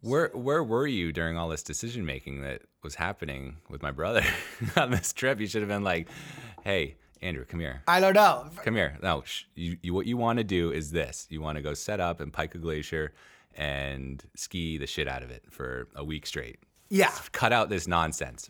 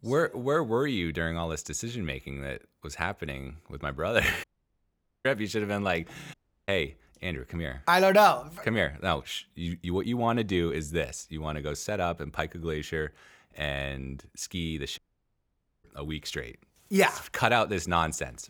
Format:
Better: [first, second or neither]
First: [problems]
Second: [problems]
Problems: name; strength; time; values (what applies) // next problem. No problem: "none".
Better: first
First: none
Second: audio cutting out; at 4.5 s for 1 s, at 6.5 s and at 15 s for 1 s